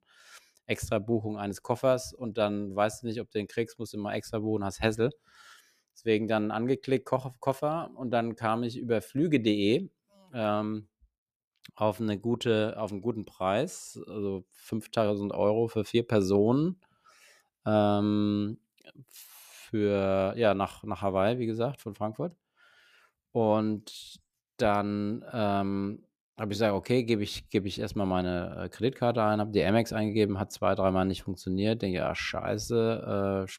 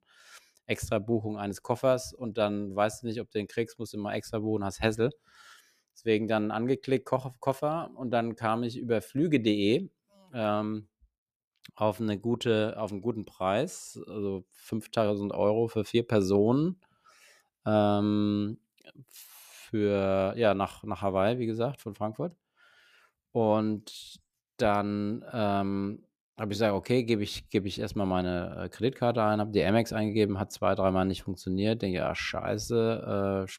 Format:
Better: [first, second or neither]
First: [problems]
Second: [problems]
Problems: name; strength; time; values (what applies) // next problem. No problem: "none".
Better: neither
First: none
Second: none